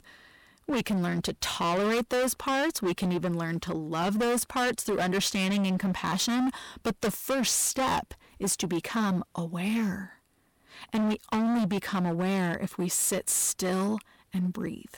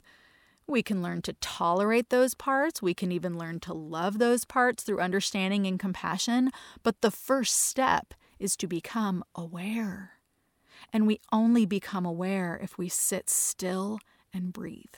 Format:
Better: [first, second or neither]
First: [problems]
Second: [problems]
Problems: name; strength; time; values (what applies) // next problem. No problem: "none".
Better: second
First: distortion; heavy; 22% of the sound clipped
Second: none